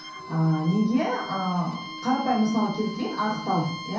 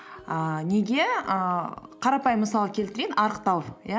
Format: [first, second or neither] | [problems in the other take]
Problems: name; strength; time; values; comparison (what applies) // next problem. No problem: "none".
second | background sound (Bowed string instrument); 13 dB below the speech // room echo; dies away in 0.6 s